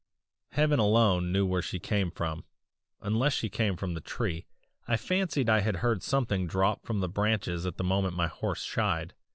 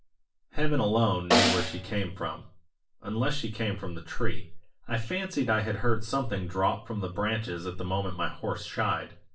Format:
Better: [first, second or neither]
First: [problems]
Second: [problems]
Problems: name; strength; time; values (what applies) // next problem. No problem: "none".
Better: first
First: none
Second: background sound (Snare drum); 1 dB above the speech // room echo; dies away in 0.3 s